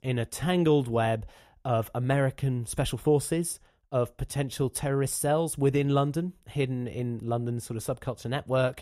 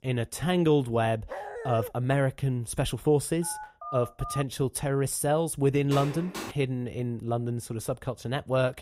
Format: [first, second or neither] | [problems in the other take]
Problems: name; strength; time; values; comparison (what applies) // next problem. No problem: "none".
first | dog barking; noticeable; at 1.5 s; peak 9 dB below the speech // phone ringing; noticeable; from 3.5 to 4.5 s; peak 10 dB below the speech // door banging; noticeable; at 6 s; peak 9 dB below the speech